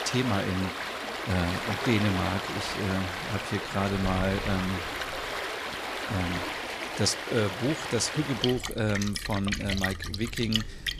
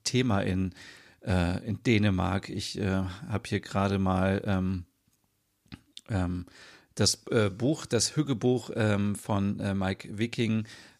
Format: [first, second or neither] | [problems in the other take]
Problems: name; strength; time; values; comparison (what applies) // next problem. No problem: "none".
second | rain or running water; loud; throughout; 2 dB below the speech